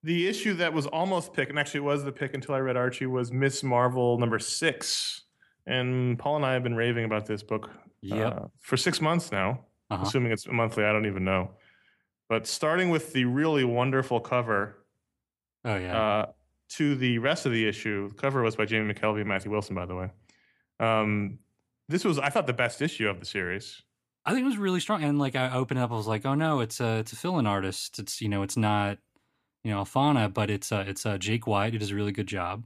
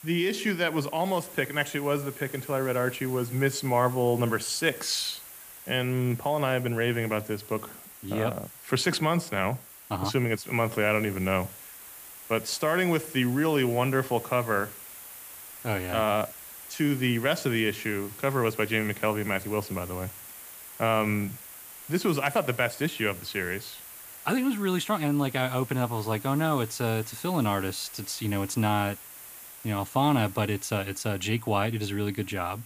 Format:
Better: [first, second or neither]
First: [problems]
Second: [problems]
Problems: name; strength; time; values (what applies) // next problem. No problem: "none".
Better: first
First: none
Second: hiss; noticeable; throughout; 15 dB below the speech